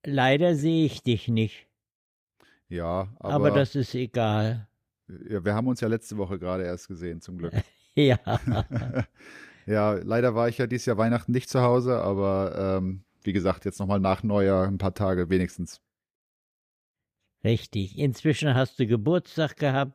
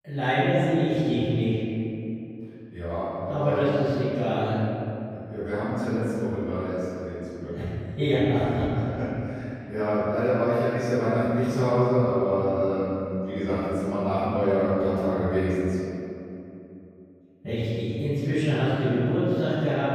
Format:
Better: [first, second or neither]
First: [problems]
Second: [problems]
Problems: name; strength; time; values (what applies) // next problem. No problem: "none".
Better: first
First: none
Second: off-mic speech; far // room echo; strong; dies away in 2.7 s